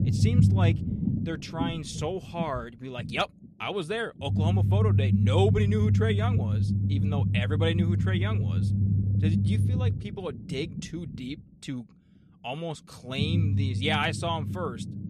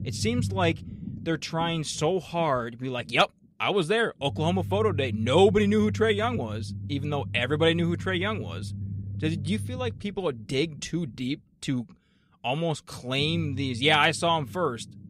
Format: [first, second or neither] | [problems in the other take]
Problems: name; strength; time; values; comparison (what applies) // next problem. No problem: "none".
second | low rumble; loud; throughout; 6 dB below the speech; faint in the second